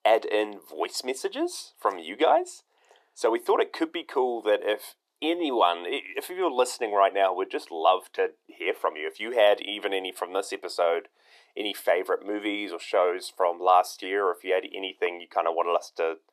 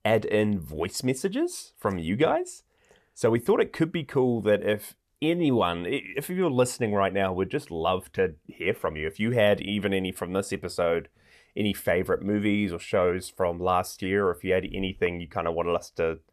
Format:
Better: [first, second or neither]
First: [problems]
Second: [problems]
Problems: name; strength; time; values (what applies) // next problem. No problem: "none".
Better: second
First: thin; very; fading below 300 Hz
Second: none